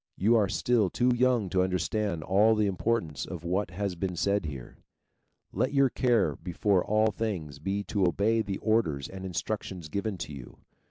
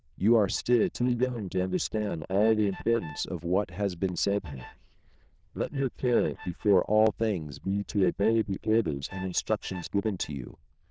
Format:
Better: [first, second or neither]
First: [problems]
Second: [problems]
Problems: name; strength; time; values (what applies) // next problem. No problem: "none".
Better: first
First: none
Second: noise reduction (neural diffusion model UNIVERSE++)